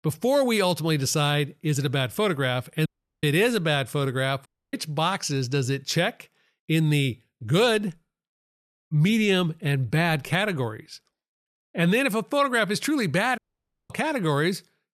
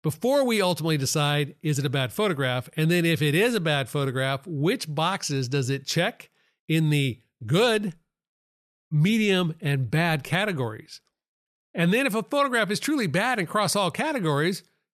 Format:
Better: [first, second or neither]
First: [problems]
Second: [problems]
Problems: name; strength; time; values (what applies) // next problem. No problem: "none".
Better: second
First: audio cutting out; at 3 s, at 4.5 s and at 13 s for 0.5 s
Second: none